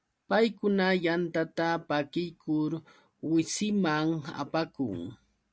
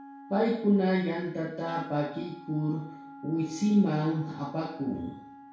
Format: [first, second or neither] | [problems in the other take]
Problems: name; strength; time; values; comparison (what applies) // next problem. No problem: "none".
first | background sound (Wind instrument, woodwind instrument); 17 dB below the speech // room echo; dies away in 0.6 s